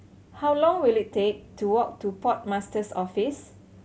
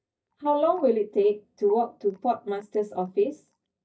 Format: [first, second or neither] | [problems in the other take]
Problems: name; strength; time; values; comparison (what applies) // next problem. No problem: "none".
first | noise reduction (neural mask model DeepFilterNet 3)